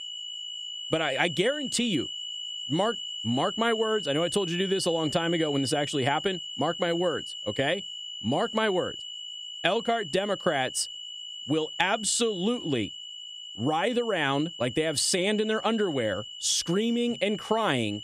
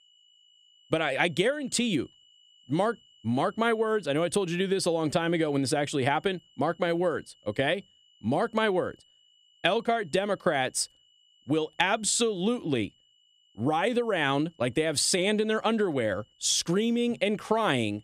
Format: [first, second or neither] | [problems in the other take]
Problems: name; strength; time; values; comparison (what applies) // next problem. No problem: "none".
second | high-pitched whine; loud; throughout; 3 kHz, 8 dB below the speech; faint in the second